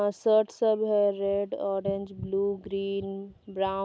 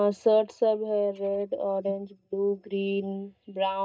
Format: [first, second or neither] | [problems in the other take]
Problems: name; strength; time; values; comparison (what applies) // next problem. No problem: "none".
first | noise reduction (neural mask model DeepFilterNet 3)